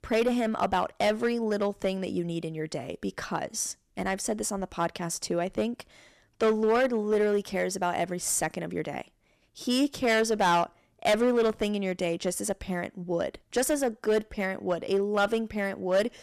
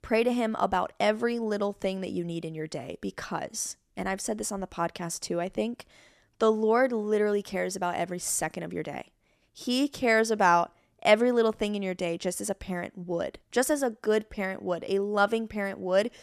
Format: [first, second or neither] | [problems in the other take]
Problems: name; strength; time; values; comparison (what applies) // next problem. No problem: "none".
second | distortion; slight; 4% of the sound clipped